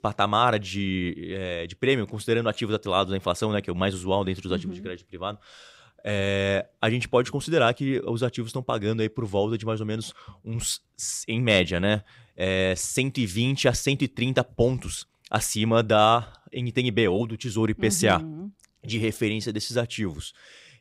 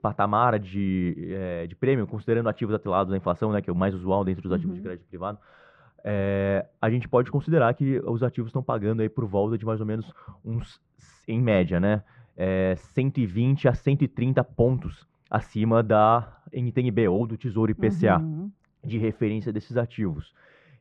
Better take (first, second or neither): first